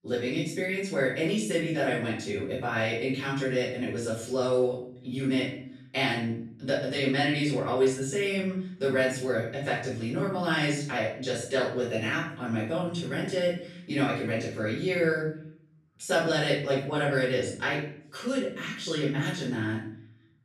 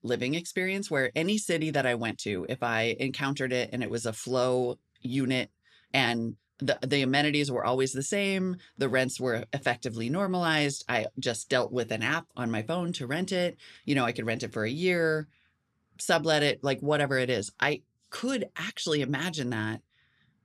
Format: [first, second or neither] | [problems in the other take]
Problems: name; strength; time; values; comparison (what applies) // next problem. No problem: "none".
second | off-mic speech; far // room echo; noticeable; dies away in 0.6 s